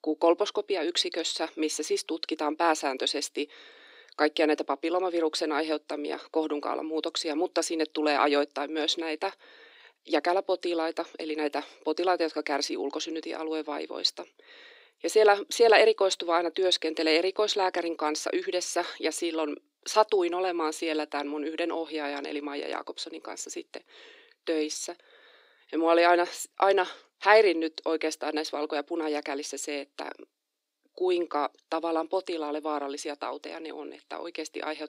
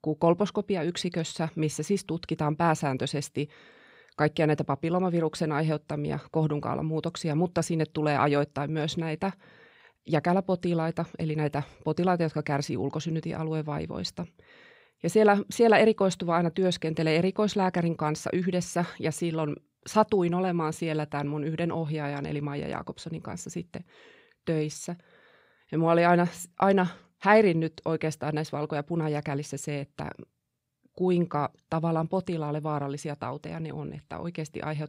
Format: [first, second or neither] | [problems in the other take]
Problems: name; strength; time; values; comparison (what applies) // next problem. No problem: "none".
second | thin; somewhat; fading below 300 Hz